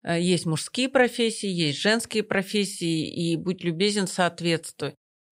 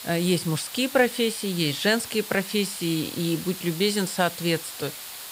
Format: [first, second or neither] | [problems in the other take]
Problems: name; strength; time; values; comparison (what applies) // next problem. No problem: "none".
first | hiss; noticeable; throughout; 10 dB below the speech